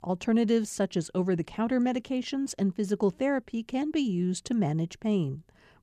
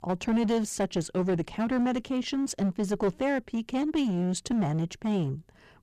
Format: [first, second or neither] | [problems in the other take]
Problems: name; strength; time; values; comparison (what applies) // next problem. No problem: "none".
first | distortion; slight; 12% of the sound clipped